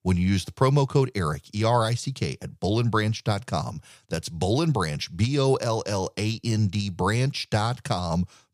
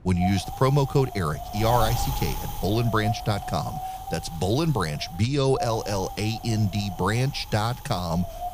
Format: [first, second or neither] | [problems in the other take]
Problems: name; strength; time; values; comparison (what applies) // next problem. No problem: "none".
first | wind noise on the microphone; heavy; 6 dB below the speech